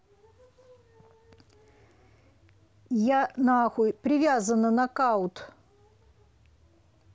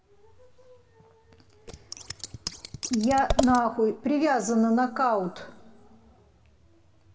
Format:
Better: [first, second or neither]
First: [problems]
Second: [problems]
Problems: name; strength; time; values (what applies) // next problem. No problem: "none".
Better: first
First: none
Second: background sound (Scissors); 4 dB below the speech // room echo; dies away in 2.4 s